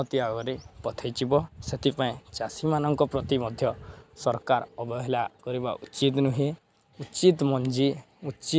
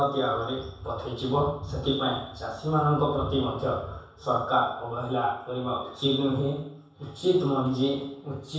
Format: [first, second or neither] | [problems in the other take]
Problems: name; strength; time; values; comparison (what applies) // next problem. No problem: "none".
first | room echo; dies away in 0.7 s